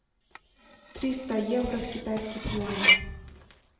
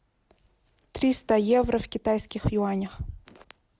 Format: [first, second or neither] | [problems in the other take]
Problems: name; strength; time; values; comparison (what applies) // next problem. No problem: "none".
second | background sound (Cutlery, silverware); 1 dB above the speech // room echo; dies away in 0.9 s